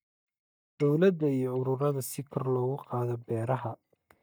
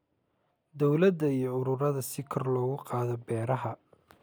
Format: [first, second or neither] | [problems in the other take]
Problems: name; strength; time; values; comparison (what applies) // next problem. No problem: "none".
second | noise reduction (neural mask model DeepFilterNet 3)